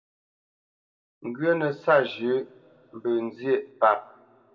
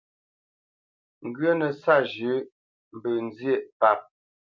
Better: second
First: room echo; dies away in 1.5 s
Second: none

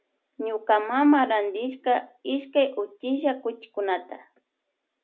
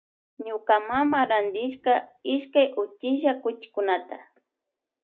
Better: first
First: none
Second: noise reduction (neural mask model DeepFilterNet 3)

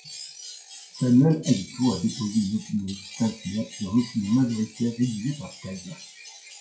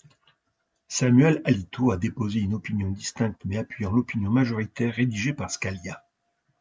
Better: second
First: noise reduction (classical method WPE with log-MMSE)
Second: none

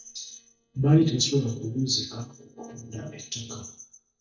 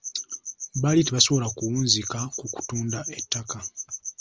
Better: second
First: noise reduction (neural mask model DeepFilterNet 3)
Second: none

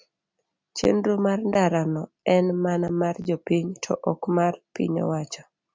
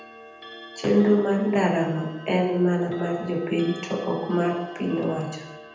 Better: first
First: none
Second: background sound (Clock); 18 dB below the speech // room echo; dies away in 0.9 s

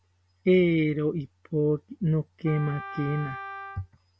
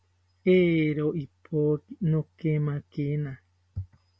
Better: second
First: background sound (Wind instrument, woodwind instrument); 14 dB below the speech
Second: none

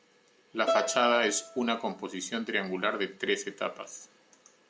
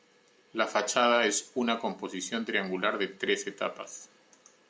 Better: second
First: background sound (Bowed string instrument); 7 dB below the speech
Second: none

